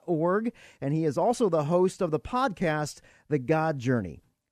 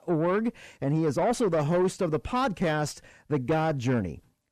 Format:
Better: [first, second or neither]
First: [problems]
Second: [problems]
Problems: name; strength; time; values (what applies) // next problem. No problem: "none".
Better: first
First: none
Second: distortion; slight; 10 dB below the speech